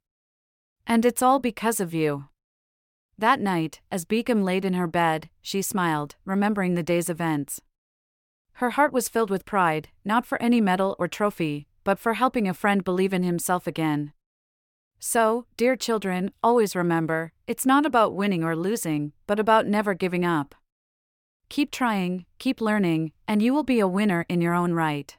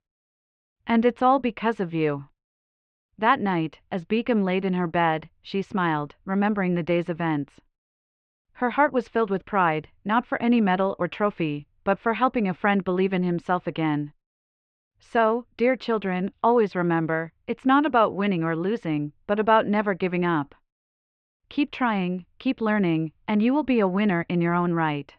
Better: first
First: none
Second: muffled; very; fading above 3.5 kHz

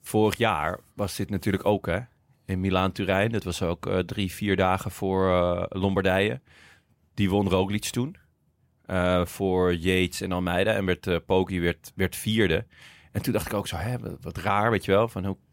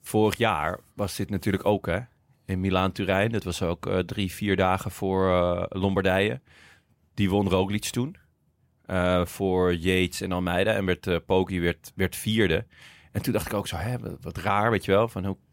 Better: neither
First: none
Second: none

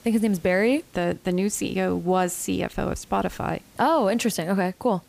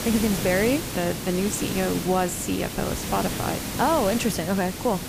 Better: first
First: hiss; faint; throughout; 30 dB below the speech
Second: hiss; loud; throughout; 5 dB below the speech

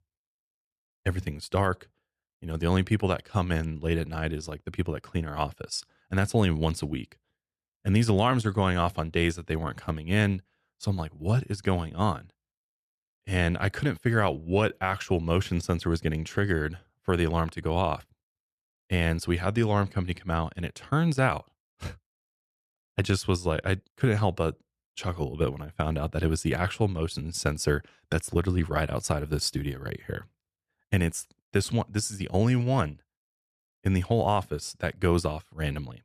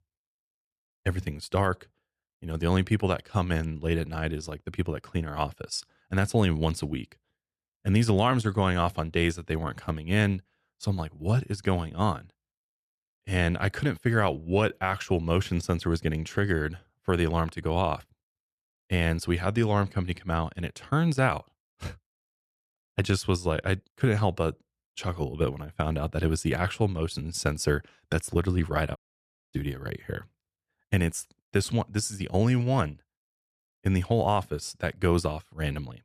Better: first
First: none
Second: audio cutting out; at 29 s for 0.5 s

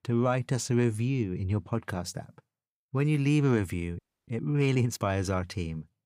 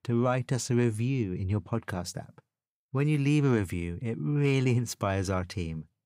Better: second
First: audio freezing; at 4 s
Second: none

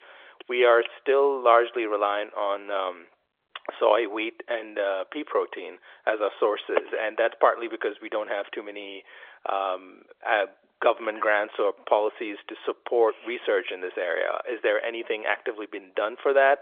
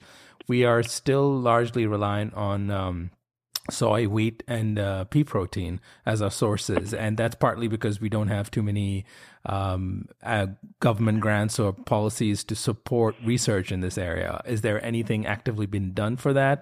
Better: second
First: phone-call audio; nothing above 3.5 kHz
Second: none

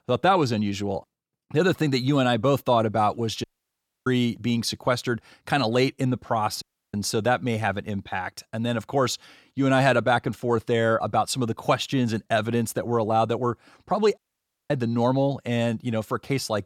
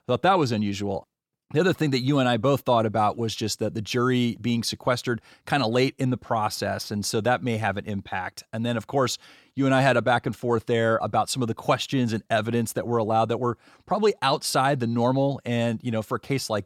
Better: second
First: audio cutting out; at 3.5 s for 0.5 s, at 6.5 s and at 14 s for 0.5 s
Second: none

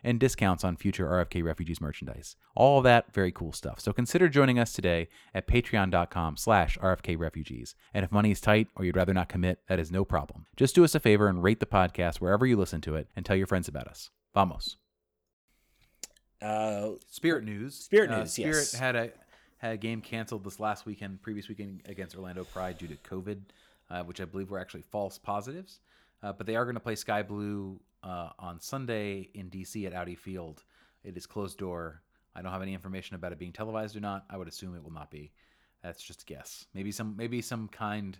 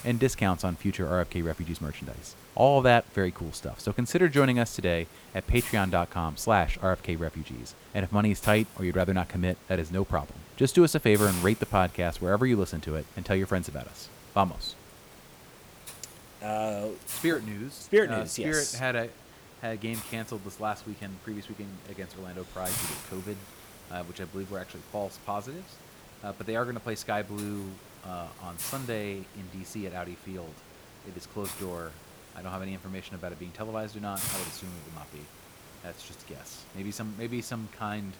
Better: first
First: none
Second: hiss; noticeable; throughout; 15 dB below the speech

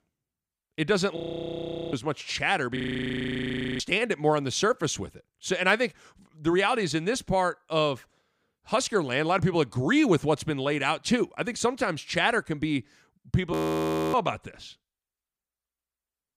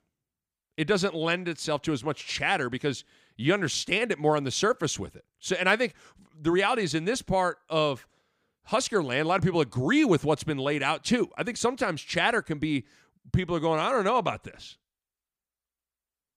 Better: second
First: audio freezing; at 1 s for 1 s, at 3 s for 1 s and at 14 s for 0.5 s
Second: none

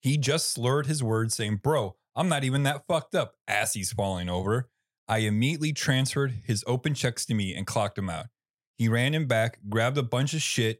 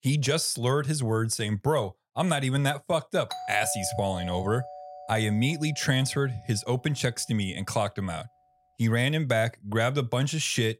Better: first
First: none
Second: doorbell; noticeable; from 3.5 to 6 s; peak 9 dB below the speech

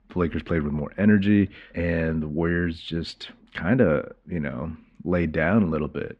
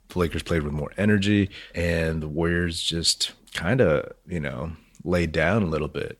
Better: second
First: muffled; very; fading above 2 kHz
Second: none

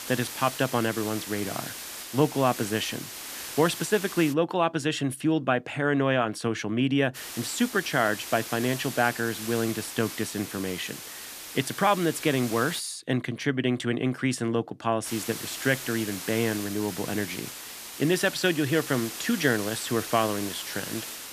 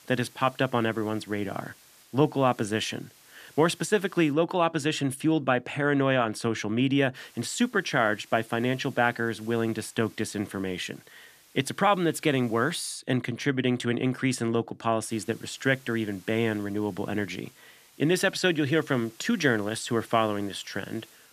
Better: second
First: hiss; loud; until 4.5 s, from 7 to 13 s and from 15 s on; 9 dB below the speech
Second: hiss; faint; until 4.5 s, from 7 to 13 s and from 15 s on; 25 dB below the speech

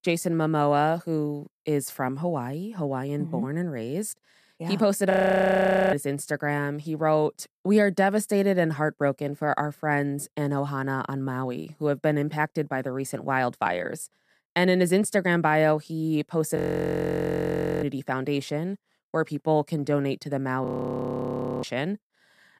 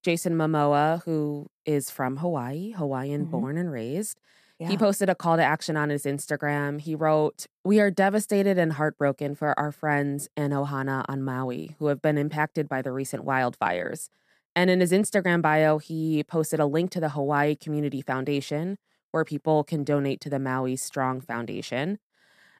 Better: second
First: audio freezing; at 5 s for 1 s, at 17 s for 1.5 s and at 21 s for 1 s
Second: none

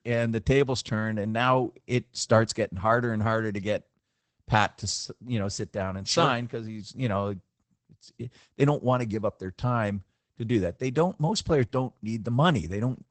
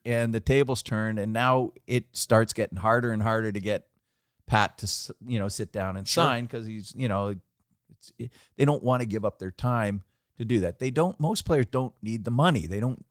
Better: second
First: garbled, watery; badly; nothing above 8 kHz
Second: garbled, watery; slightly

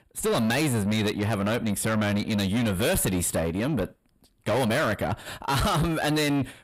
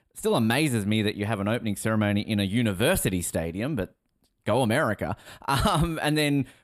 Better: second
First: distortion; heavy; 7 dB below the speech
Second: none

